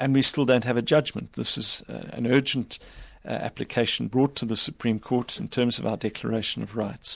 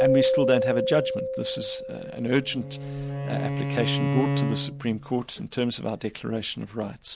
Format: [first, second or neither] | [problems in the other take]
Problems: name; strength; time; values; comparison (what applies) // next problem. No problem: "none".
first | background sound (Bowed string instrument + Keyboard (musical)); as loud as the speech